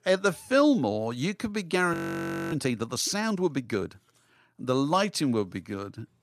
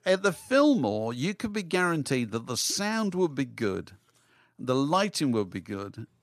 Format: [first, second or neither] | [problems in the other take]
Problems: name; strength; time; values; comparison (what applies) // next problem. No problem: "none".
second | audio freezing; at 2 s for 0.5 s